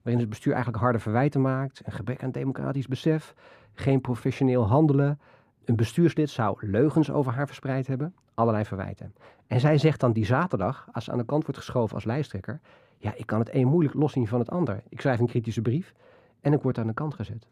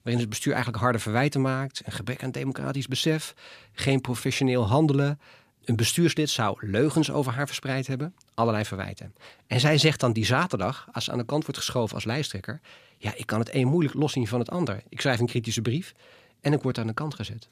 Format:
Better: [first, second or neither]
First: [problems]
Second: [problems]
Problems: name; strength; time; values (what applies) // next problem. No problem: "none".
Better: second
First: muffled; very; fading above 2 kHz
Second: none